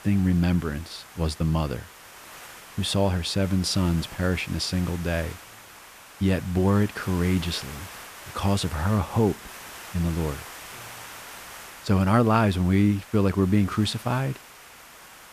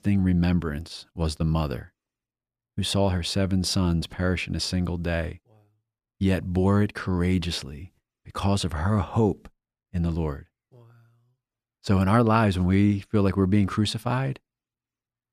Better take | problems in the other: second | hiss; noticeable; throughout; 15 dB below the speech

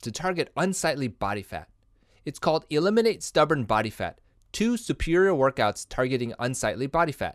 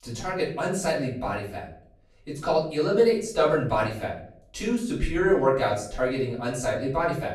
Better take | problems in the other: first | off-mic speech; far // room echo; slight; dies away in 0.5 s

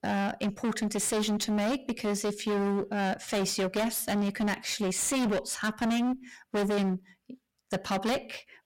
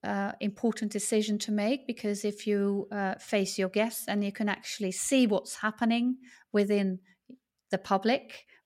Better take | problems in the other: second | distortion; heavy; 28% of the sound clipped

